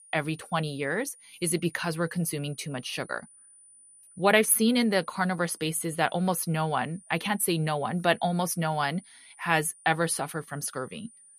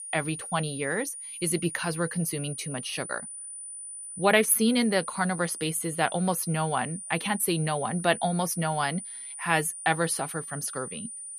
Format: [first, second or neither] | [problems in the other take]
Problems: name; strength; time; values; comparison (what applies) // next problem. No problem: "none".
first | high-pitched whine; loud; throughout; 9.5 kHz, 9 dB below the speech; faint in the first